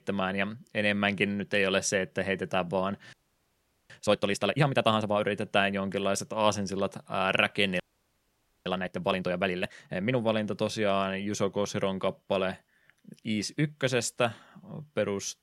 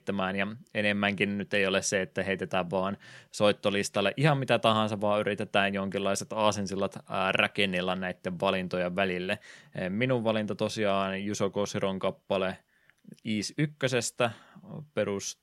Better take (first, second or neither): second